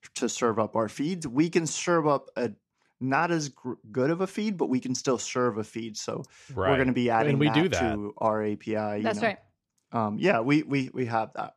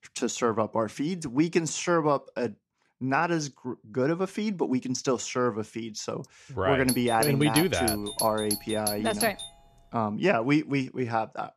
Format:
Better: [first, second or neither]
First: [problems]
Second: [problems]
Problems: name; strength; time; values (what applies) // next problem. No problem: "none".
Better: first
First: none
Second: doorbell; noticeable; from 7 to 9.5 s; peak 2 dB below the speech